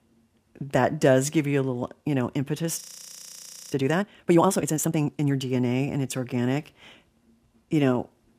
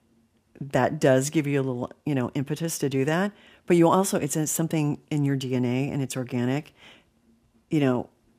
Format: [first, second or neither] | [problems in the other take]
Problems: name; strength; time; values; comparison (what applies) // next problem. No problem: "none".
second | audio freezing; at 3 s for 1 s